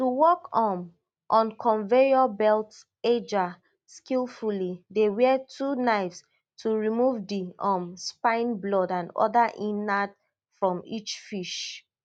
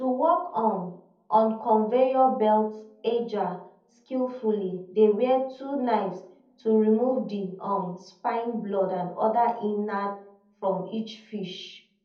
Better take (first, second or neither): first